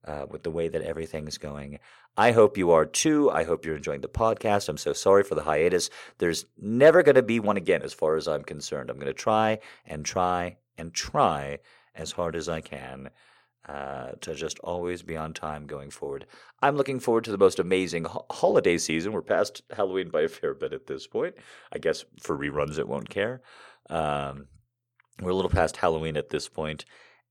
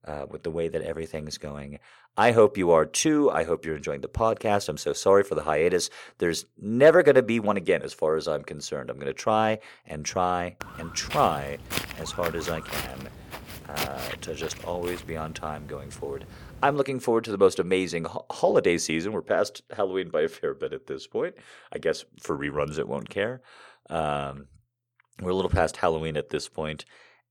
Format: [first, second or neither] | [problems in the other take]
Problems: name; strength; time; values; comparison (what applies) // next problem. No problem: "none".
first | footsteps; noticeable; from 11 to 17 s; peak 5 dB below the speech